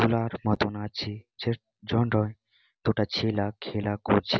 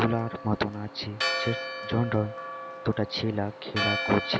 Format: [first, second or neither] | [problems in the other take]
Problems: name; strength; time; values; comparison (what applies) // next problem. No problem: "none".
first | background sound (Church bell); 5 dB below the speech